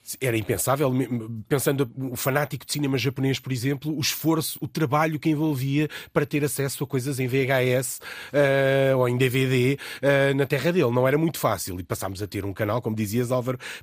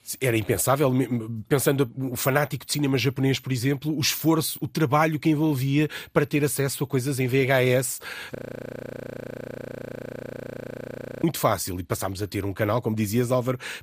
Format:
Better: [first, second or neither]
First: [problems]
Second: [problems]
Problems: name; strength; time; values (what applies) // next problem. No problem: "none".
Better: first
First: none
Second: audio freezing; at 8.5 s for 3 s